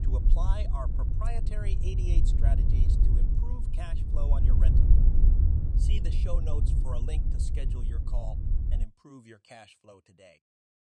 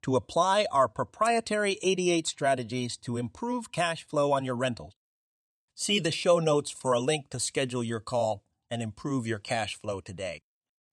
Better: second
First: wind noise on the microphone; heavy; until 9 s; 1 dB below the speech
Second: none

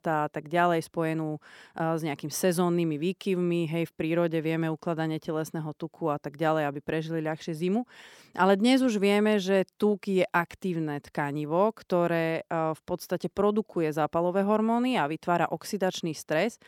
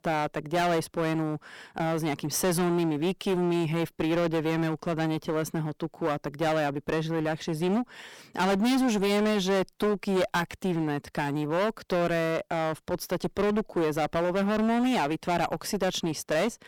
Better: first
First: none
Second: distortion; heavy; 17% of the sound clipped

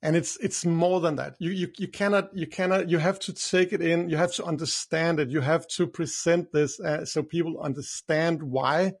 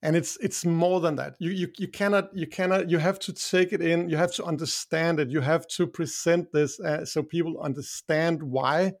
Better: second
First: garbled, watery; slightly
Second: none

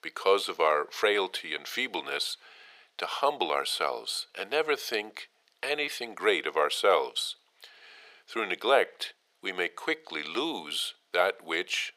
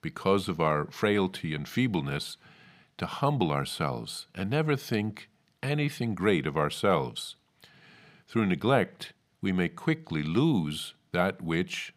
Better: second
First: thin; very; fading below 450 Hz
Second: none

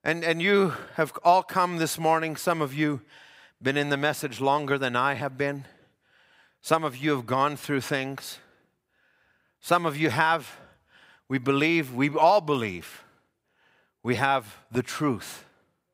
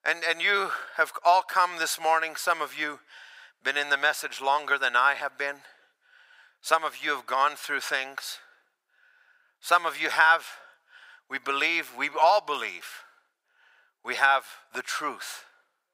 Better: first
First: none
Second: thin; very; fading below 800 Hz

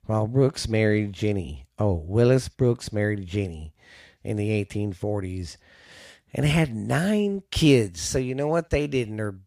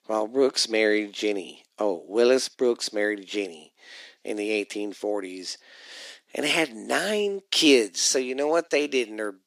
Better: first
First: none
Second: thin; somewhat; fading below 300 Hz

